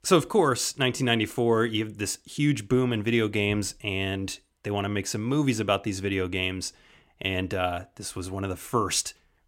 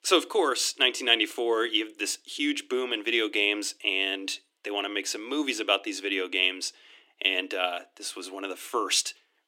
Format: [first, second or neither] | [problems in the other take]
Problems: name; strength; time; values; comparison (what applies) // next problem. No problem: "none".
first | thin; somewhat; fading below 300 Hz